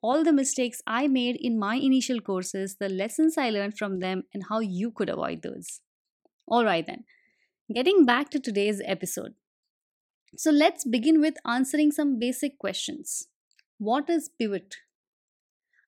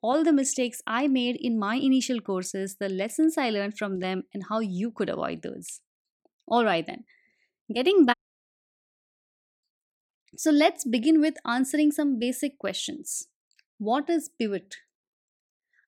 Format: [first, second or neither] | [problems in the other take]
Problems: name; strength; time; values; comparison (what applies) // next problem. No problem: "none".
first | audio cutting out; at 8 s for 1.5 s